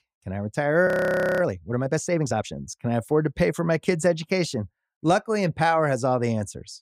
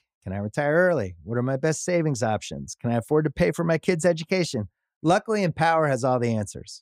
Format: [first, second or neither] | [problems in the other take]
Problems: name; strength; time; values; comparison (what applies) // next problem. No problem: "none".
second | audio freezing; at 1 s for 0.5 s